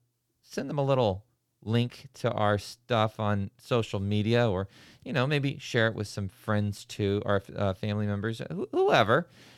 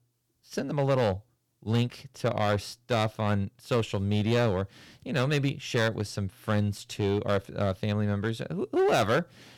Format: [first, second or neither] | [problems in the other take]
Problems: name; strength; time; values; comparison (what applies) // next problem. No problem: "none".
first | distortion; slight; 5% of the sound clipped